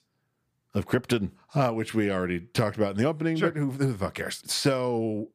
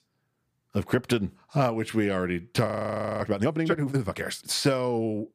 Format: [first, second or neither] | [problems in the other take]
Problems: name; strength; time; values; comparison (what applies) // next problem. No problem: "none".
first | audio freezing; at 2.5 s for 0.5 s